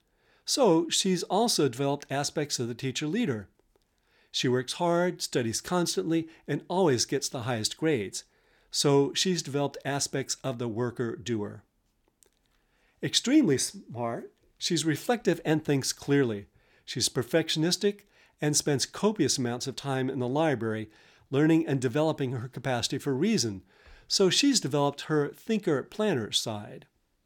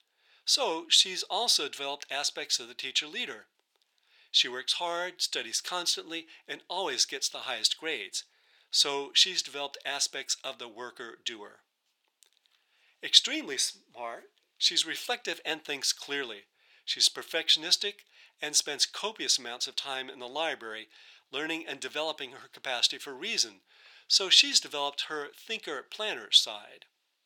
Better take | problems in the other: first | thin; very; fading below 700 Hz

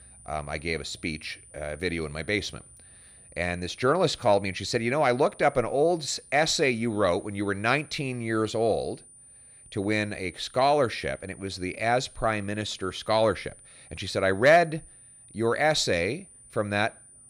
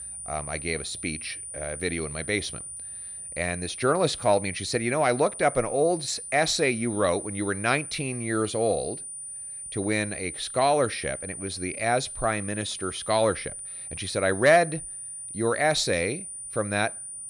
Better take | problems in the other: first | high-pitched whine; loud; throughout; 9.5 kHz, 9 dB below the speech; faint in the first

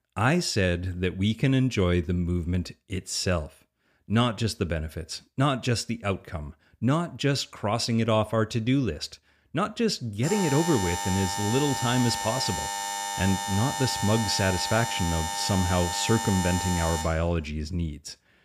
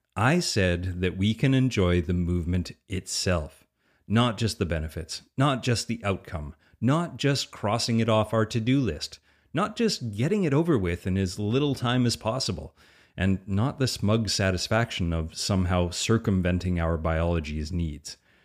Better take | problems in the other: second | alarm; noticeable; from 10 to 17 s; peak 3 dB below the speech

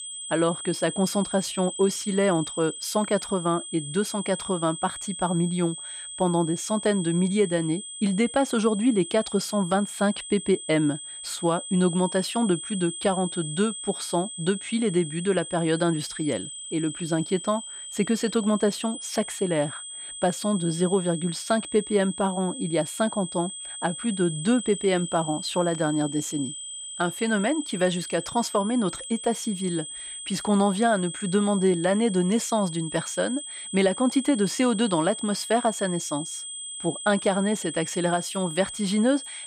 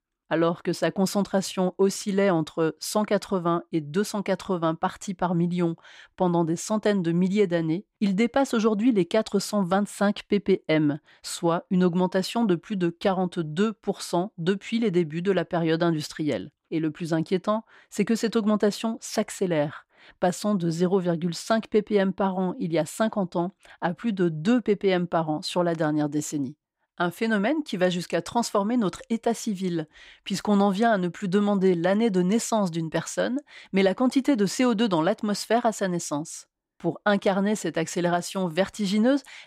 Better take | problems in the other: second | high-pitched whine; loud; throughout; 8 kHz, 9 dB below the speech

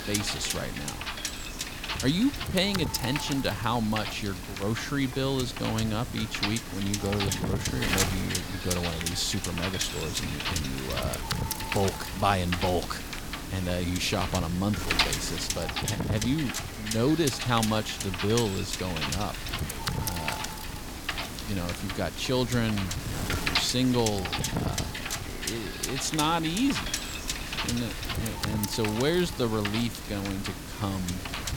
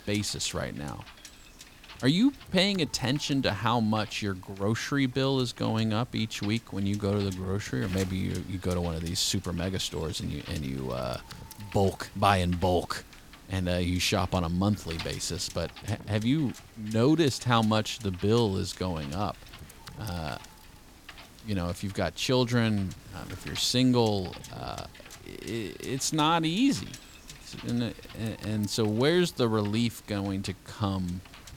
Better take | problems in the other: second | wind noise on the microphone; heavy; 1 dB below the speech; occasional gusts in the second

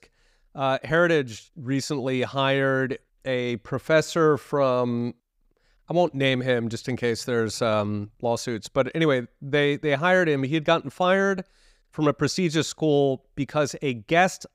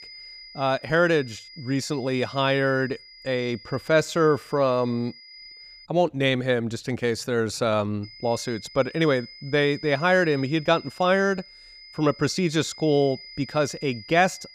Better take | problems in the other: first | high-pitched whine; noticeable; until 6 s and from 8 s on; 5 kHz, 20 dB below the speech

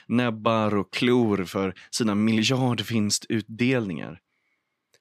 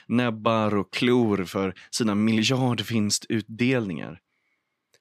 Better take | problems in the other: neither | none

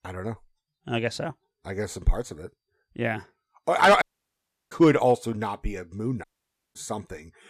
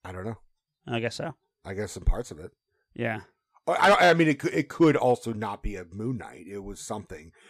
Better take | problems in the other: second | audio cutting out; at 4 s for 0.5 s and at 6 s for 0.5 s

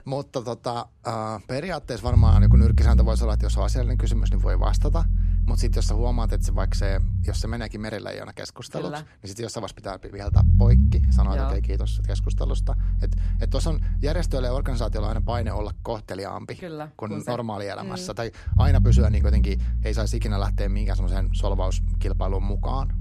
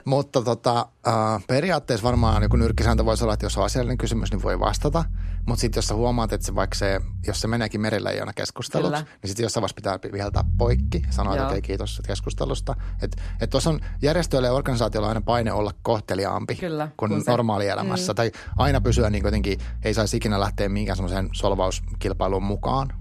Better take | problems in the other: second | low rumble; loud; throughout; 7 dB below the speech; faint in the second

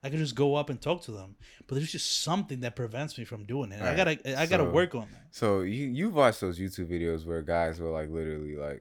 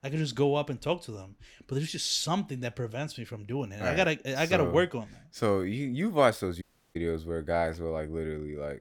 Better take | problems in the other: first | audio cutting out; at 6.5 s

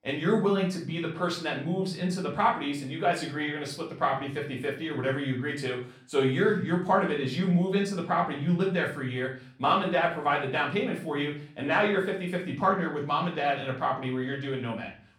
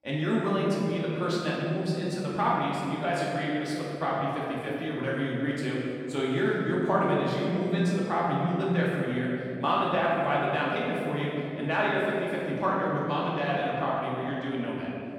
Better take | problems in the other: first | room echo; strong; dies away in 2.9 s; slight in the first // off-mic speech; far; far in the first

